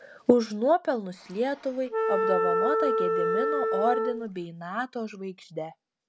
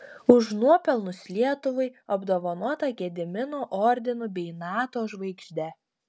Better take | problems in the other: second | background sound (Wind instrument, woodwind instrument); 2 dB above the speech

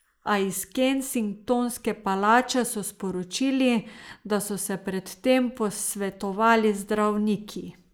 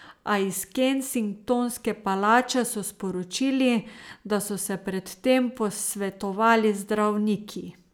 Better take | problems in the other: second | noise reduction (neural mask model Resemble Enhance denoiser)

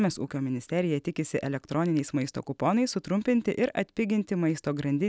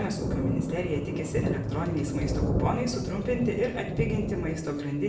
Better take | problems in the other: first | background sound (Thunder); as loud as the speech // room echo; dies away in 0.6 s

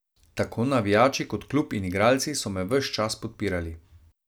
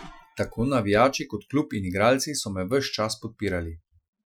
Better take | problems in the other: first | noise reduction (classical method Wiener filter)

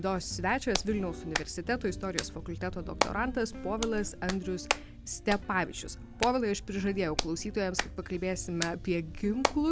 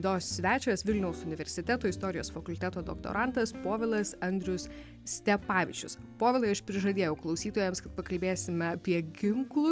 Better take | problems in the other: second | background sound (Hands); 6 dB below the speech

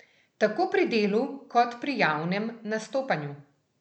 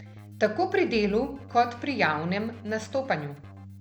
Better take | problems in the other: first | background sound (Keyboard (musical)); 17 dB below the speech

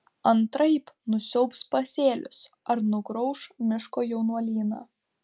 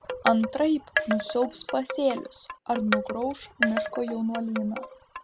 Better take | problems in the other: first | background sound (Wind chime); 4 dB below the speech

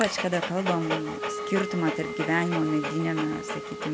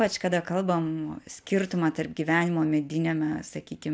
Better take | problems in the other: second | background sound (Wind instrument, woodwind instrument + Dog); 4 dB below the speech

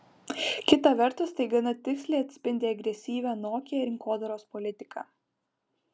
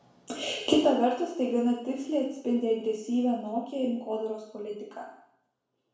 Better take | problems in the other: first | room echo; dies away in 0.6 s

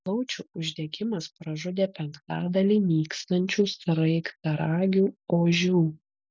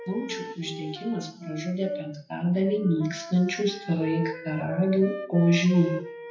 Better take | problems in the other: first | noise reduction (classical method WPE with log-MMSE)

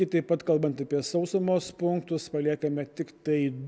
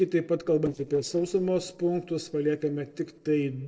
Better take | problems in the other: first | noise reduction (neural separator model SepFormer DNS4)

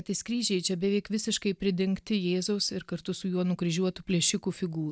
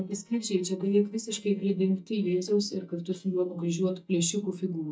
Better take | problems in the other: first | noise reduction (neural mask model DeepFilterNet 3)

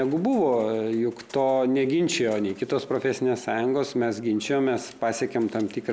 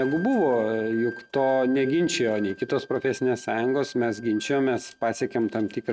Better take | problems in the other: first | noise reduction (neural mask model RNNoise)

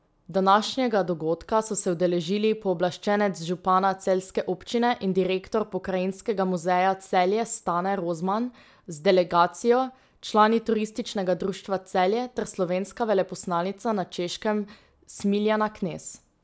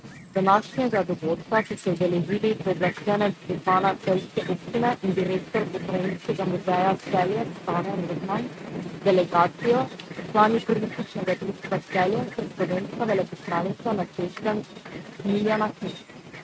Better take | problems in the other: first | noise reduction (neural mask model RNNoise)

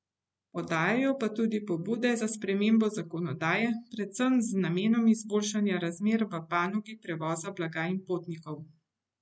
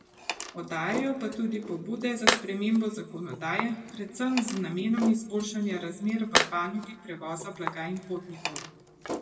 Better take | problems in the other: first | background sound (Tools); 4 dB below the speech // room echo; dies away in 1.2 s

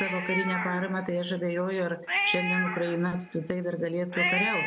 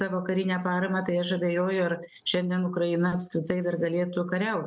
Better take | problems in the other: second | background sound (Cat); 2 dB below the speech

